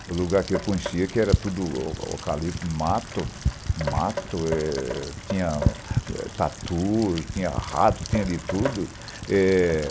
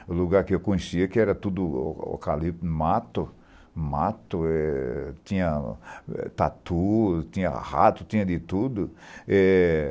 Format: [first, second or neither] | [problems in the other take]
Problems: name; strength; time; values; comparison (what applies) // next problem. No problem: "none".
second | background sound (Rain); 5 dB below the speech